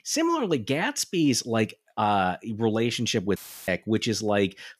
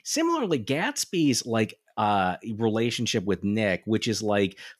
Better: second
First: audio cutting out; filled with static; at 3.5 s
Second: none

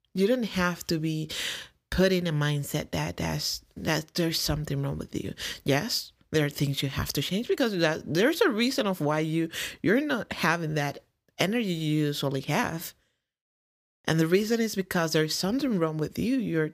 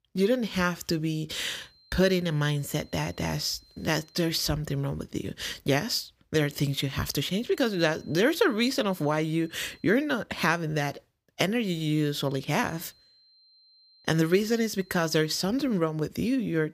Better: first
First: none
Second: high-pitched whine; faint; from 1.5 to 4.5 s, from 6.5 to 10 s and from 12 to 15 s; 4 kHz, 30 dB below the speech

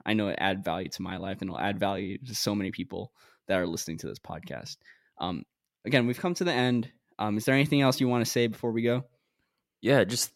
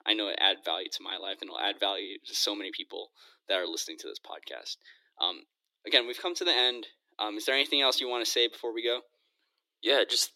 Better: first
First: none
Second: thin; very; fading below 300 Hz

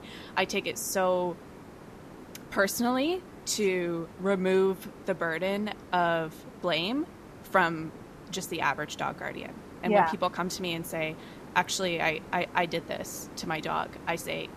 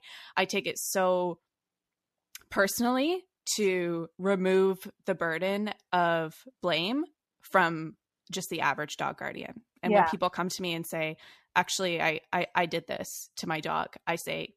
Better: second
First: hiss; noticeable; throughout; 15 dB below the speech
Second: none

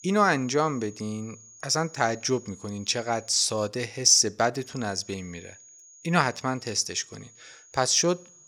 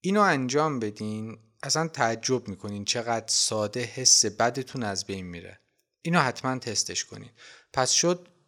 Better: second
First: high-pitched whine; faint; until 3.5 s and from 4.5 s on; 6.5 kHz, 25 dB below the speech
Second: none

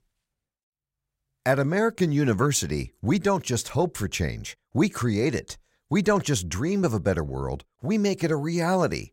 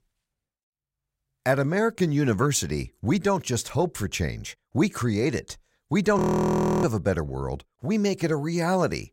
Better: first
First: none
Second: audio freezing; at 6 s for 0.5 s

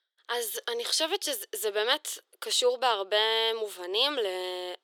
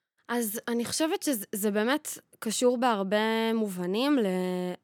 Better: second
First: thin; very; fading below 400 Hz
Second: none

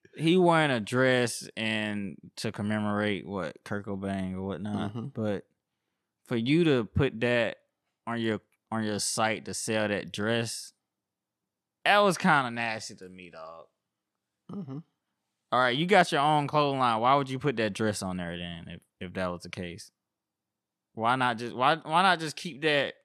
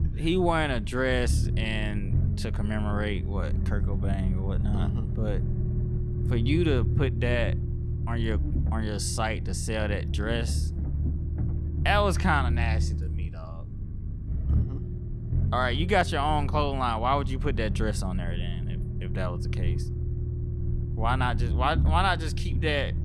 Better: first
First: none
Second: low rumble; noticeable; throughout; 15 dB below the speech

